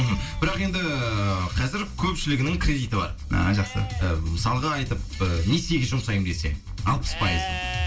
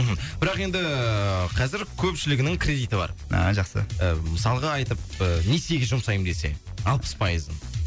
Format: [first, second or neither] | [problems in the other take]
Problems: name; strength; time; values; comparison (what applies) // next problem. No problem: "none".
second | background sound (Livestock, farm animals, working animals); 15 dB below the speech // room echo; dies away in 0.2 s